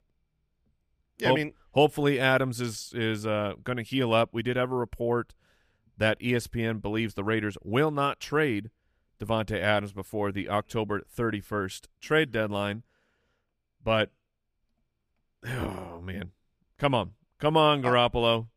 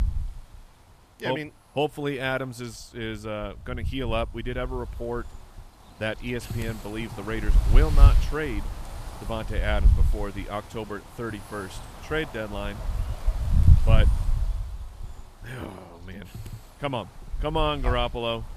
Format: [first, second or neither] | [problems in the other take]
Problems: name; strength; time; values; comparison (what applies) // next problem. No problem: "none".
first | wind noise on the microphone; occasional gusts; 10 dB below the speech